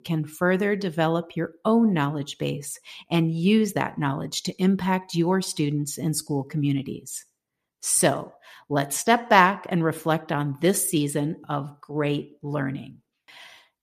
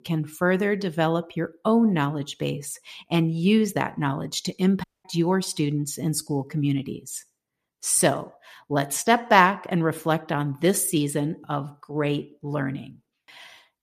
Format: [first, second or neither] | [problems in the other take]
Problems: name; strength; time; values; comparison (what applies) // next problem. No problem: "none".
first | audio cutting out; at 5 s